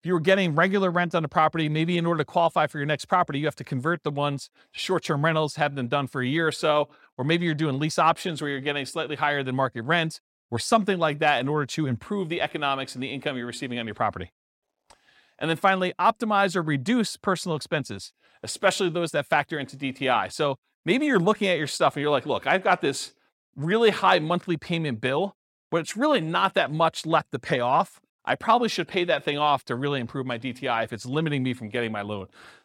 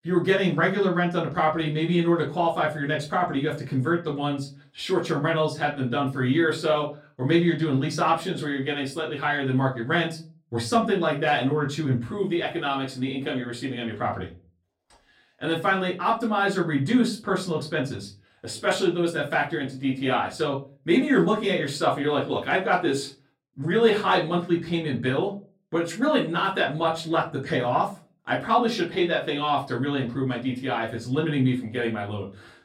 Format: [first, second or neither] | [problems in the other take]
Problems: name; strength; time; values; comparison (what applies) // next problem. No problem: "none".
first | off-mic speech; far // room echo; very slight; dies away in 0.3 s